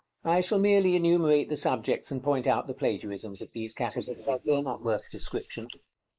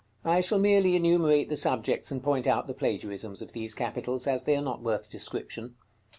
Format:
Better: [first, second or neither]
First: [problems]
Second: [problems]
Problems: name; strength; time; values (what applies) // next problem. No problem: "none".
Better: second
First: noise reduction (neural mask model Resemble Enhance denoiser)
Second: none